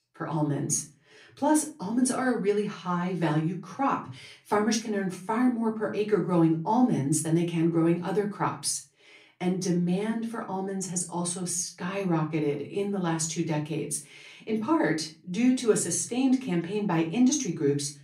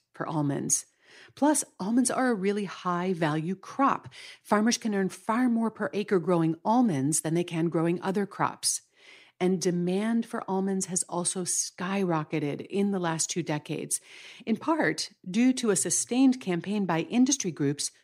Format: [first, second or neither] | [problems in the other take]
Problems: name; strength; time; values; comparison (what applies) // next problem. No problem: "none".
second | off-mic speech; far // room echo; very slight; dies away in 0.3 s